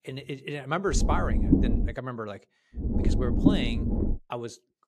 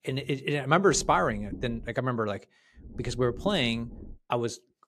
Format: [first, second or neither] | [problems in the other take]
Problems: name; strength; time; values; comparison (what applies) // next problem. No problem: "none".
second | low rumble; loud; at 1 s and from 3 to 4 s; as loud as the speech; faint in the second